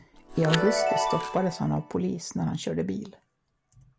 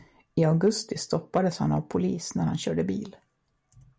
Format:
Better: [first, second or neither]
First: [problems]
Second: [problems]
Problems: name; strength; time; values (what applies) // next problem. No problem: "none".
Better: second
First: background sound (Chime); 3 dB below the speech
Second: none